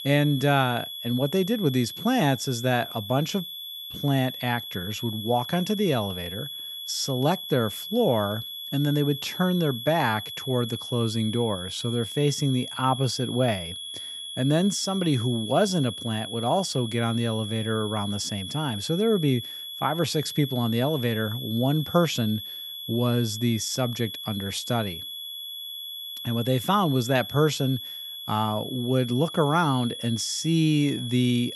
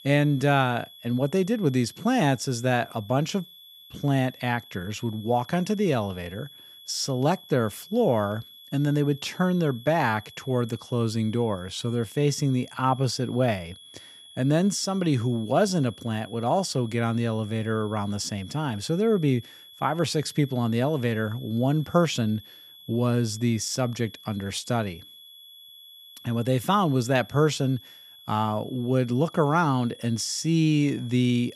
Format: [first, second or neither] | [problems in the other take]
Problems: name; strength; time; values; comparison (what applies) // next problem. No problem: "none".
second | high-pitched whine; loud; throughout; 3.5 kHz, 8 dB below the speech; faint in the second